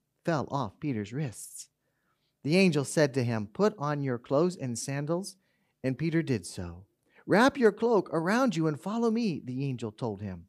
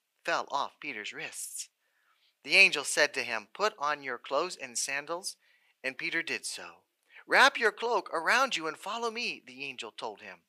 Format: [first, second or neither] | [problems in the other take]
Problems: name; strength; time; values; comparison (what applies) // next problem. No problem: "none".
first | thin; very; fading below 800 Hz